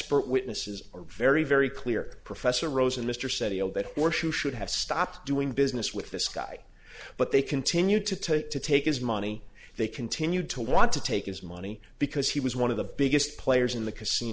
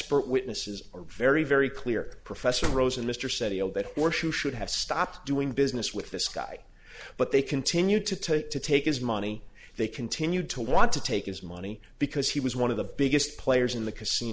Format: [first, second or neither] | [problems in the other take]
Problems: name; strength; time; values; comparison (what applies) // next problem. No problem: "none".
first | background sound (Slam); 5 dB below the speech